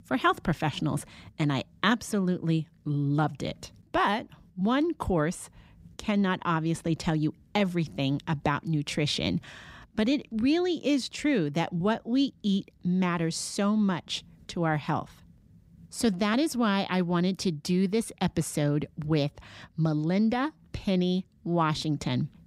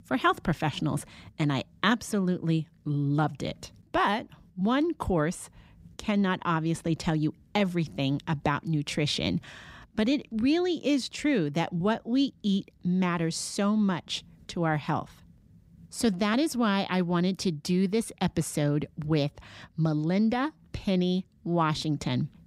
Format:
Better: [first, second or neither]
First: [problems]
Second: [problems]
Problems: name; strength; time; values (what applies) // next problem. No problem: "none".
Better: neither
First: none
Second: none